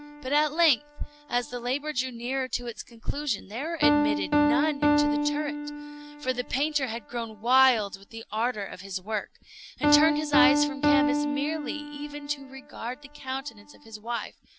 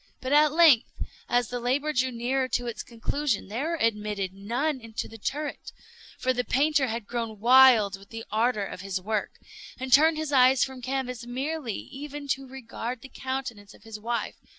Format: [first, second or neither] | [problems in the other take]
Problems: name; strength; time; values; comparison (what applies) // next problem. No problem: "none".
second | background sound (Piano); as loud as the speech